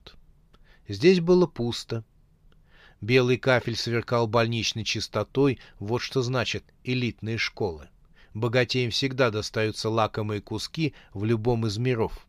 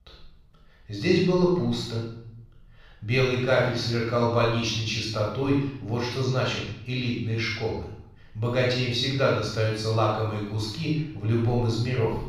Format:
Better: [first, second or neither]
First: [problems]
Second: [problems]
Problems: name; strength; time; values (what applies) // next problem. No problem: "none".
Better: first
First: none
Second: off-mic speech; far // room echo; noticeable; dies away in 0.7 s